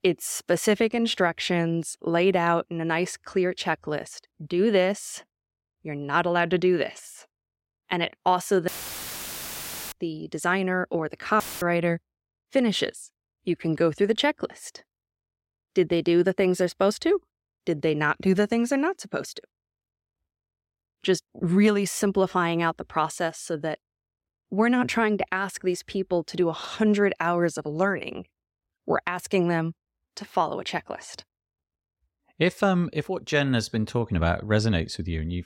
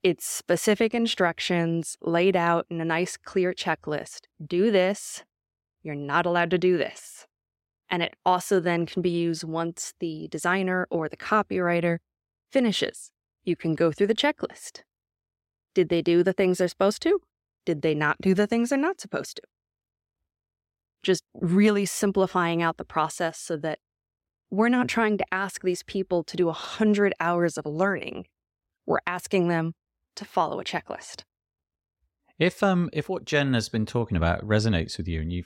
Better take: second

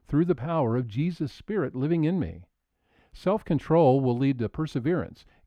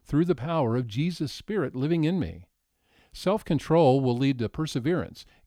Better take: second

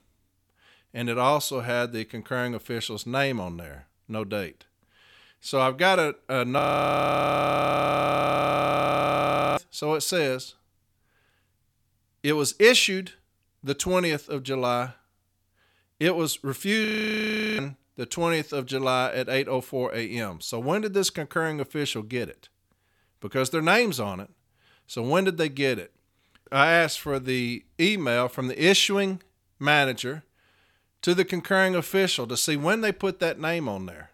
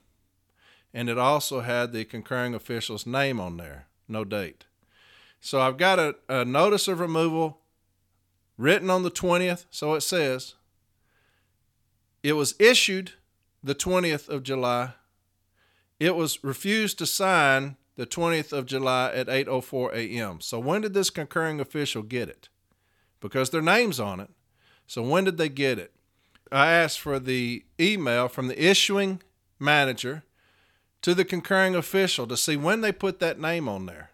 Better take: second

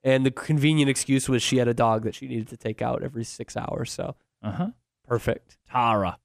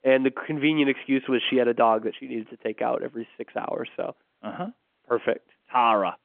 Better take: first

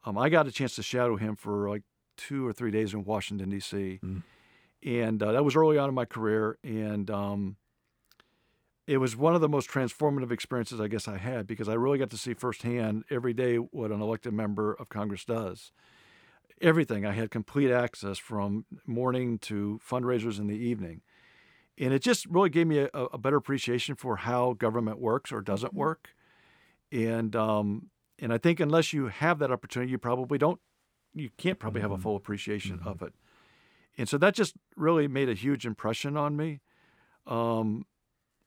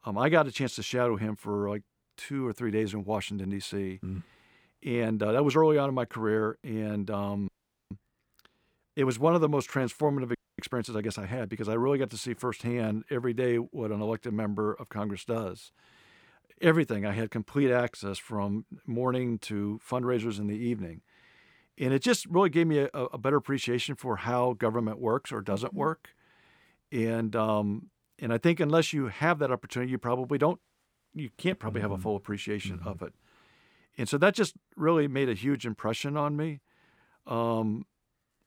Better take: first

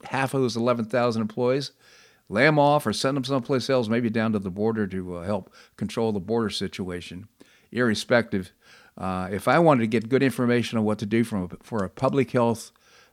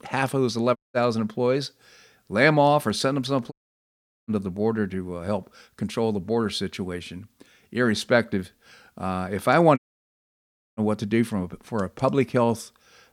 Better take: first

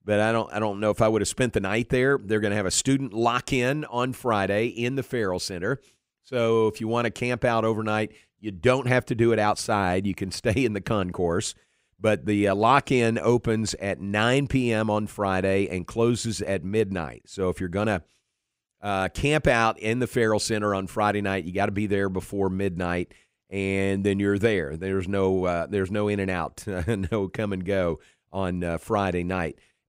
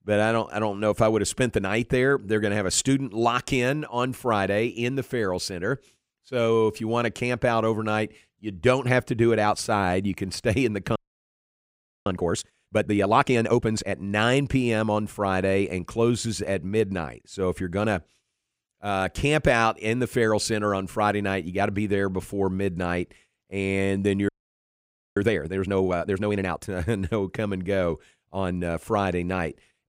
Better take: first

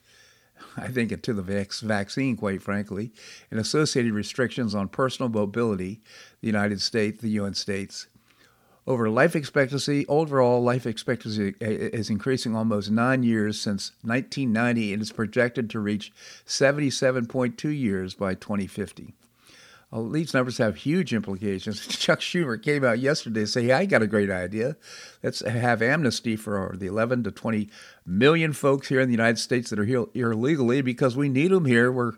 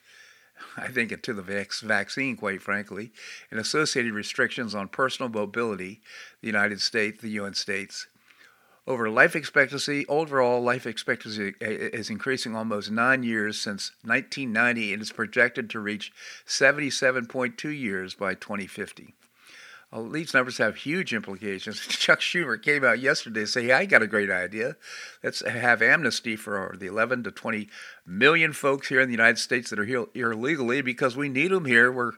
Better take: first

